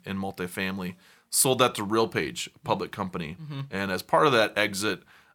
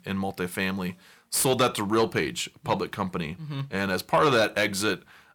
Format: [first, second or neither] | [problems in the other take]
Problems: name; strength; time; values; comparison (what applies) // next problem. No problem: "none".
first | distortion; slight; 10 dB below the speech